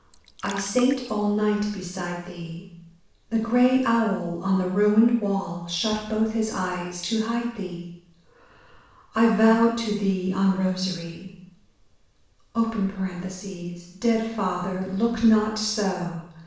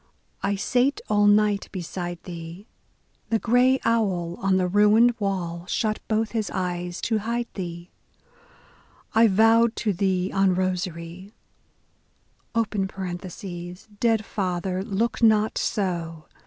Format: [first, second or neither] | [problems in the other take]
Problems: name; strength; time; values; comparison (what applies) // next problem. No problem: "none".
second | background sound (Trickle, dribble); 18 dB below the speech // room echo; dies away in 0.7 s